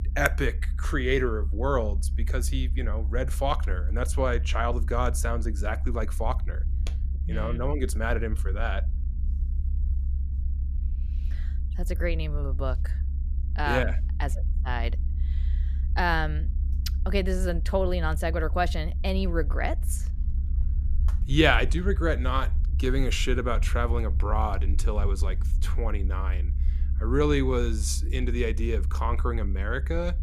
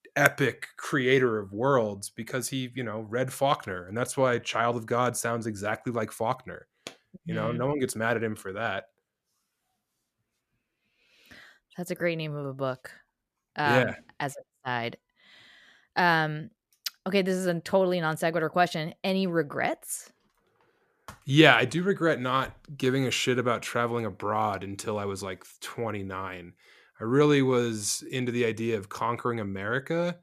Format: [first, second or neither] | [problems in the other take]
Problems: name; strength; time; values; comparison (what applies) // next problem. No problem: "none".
second | low rumble; noticeable; throughout; 20 dB below the speech